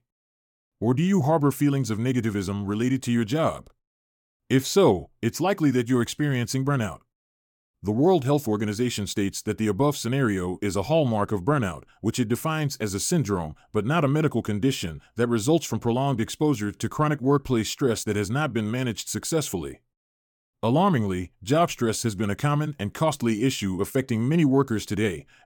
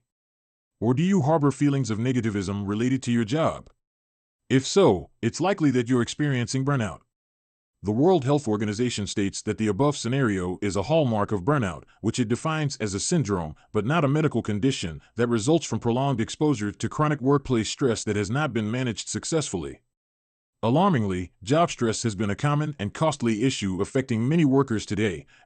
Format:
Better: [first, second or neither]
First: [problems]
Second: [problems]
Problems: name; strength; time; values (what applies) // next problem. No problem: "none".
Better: first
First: none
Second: garbled, watery; slightly; nothing above 8.5 kHz